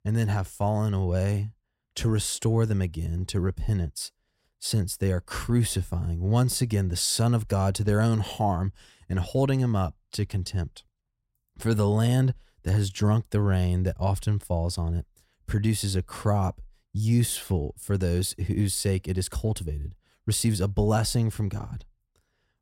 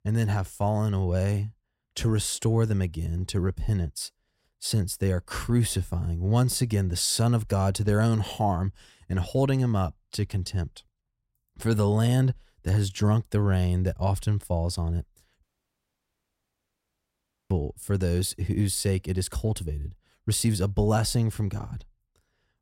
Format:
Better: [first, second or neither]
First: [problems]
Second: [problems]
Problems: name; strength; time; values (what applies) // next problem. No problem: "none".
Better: first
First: none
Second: audio cutting out; at 15 s for 2 s